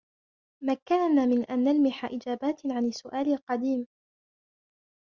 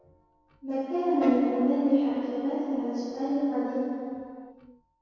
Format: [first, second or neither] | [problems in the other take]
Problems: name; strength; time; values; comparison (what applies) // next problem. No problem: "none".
first | background sound (Piano); 16 dB below the speech // room echo; dies away in 2.2 s